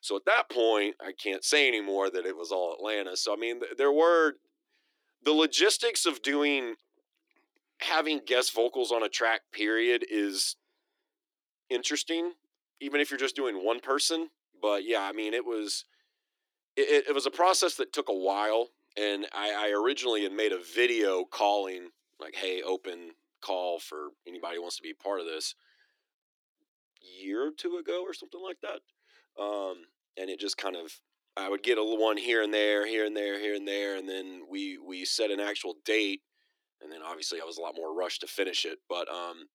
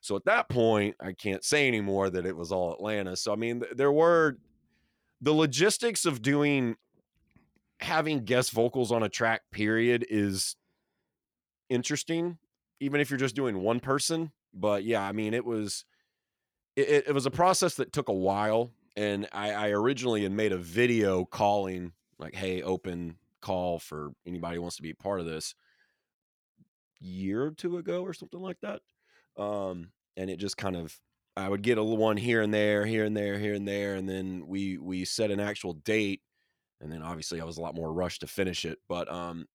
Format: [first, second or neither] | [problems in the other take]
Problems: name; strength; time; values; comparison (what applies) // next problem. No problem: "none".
second | thin; somewhat; fading below 300 Hz